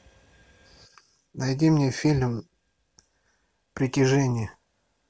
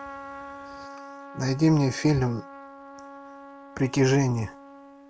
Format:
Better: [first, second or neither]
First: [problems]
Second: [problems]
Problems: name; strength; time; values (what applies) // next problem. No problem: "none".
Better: first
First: none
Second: background sound (Trumpet); 16 dB below the speech